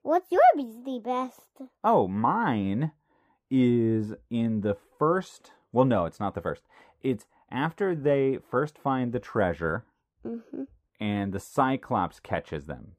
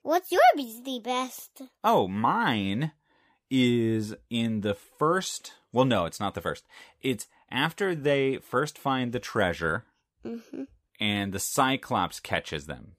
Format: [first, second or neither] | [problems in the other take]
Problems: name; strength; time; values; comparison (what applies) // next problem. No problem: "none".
second | muffled; very; fading above 2 kHz